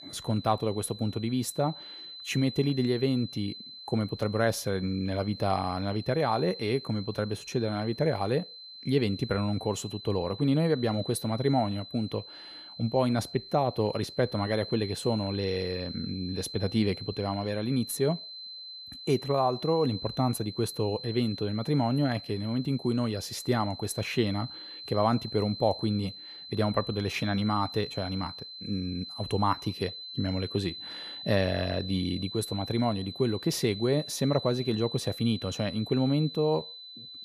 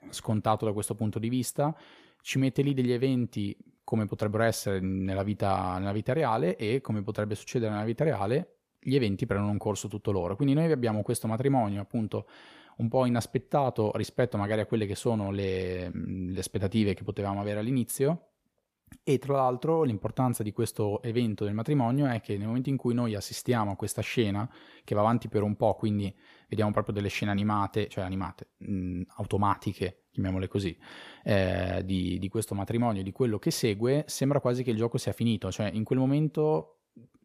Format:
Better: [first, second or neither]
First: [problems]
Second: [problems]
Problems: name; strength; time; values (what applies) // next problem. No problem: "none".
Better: second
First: high-pitched whine; noticeable; throughout; 4 kHz, 10 dB below the speech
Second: none